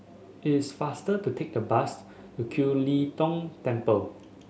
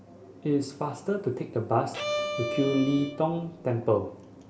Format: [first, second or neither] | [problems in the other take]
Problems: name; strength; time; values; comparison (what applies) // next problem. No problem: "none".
first | background sound (Bowed string instrument); 5 dB below the speech // room echo; dies away in 1.4 s